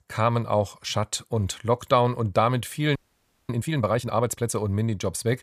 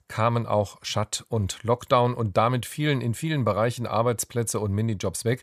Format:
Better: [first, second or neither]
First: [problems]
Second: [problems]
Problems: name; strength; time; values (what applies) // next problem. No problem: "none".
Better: second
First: audio freezing; at 3 s for 0.5 s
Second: none